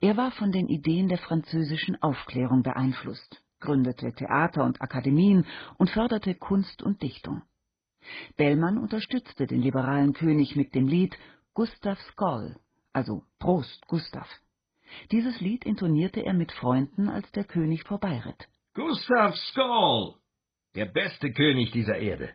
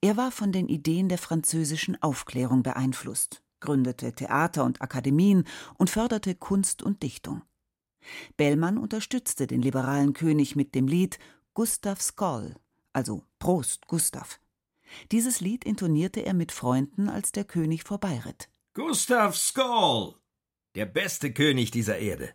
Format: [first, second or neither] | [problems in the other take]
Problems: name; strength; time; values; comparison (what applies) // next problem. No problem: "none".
second | garbled, watery; badly; nothing above 5 kHz